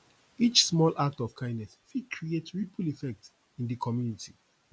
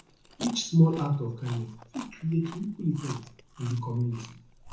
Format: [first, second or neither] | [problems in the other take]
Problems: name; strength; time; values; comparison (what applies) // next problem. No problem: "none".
first | background sound (Chewing, mastication); 17 dB below the speech // room echo; dies away in 0.6 s